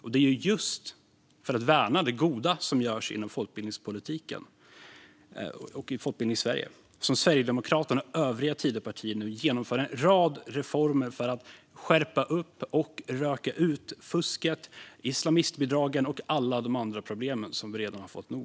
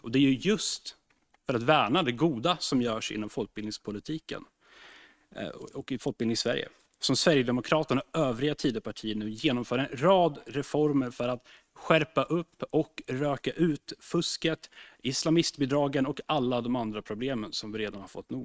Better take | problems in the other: first | noise reduction (neural mask model RNNoise)

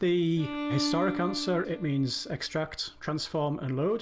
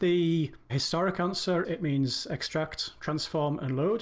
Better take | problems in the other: second | background sound (Bowed string instrument); 8 dB below the speech

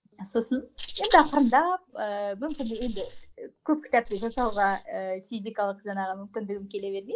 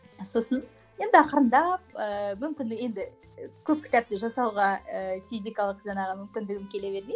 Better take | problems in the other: second | noise reduction (neural mask model Resemble Enhance denoiser)

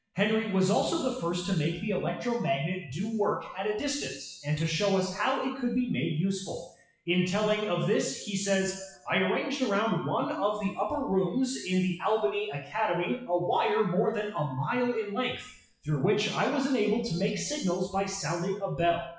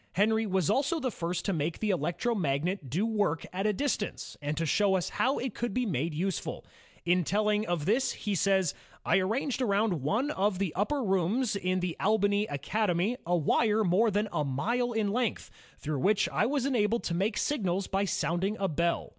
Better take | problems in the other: second | noise reduction (classical method WPE with log-MMSE)

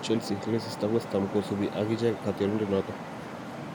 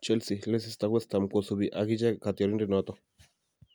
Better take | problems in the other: second | background sound (Traffic noise, roadway noise); 8 dB below the speech

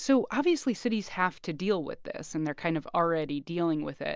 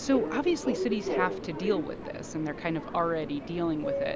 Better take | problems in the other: first | background sound (Subway, metro, underground); 4 dB below the speech

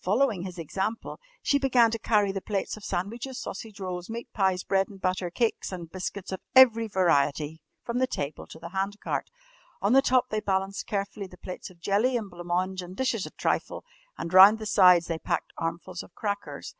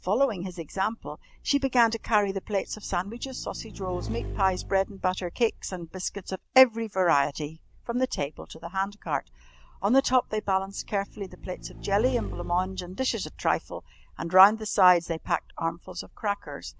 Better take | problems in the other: first | background sound (Motorcycle / Engine); 15 dB below the speech

